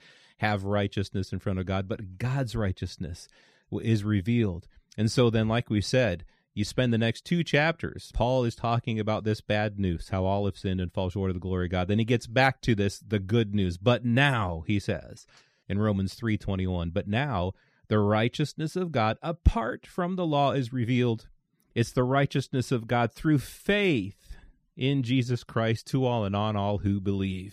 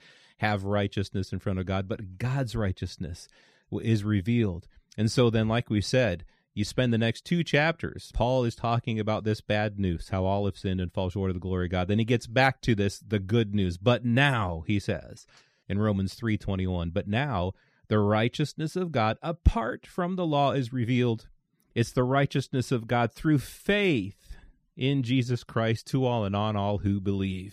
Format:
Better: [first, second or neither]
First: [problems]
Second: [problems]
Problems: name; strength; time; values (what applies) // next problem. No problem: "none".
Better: neither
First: none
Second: none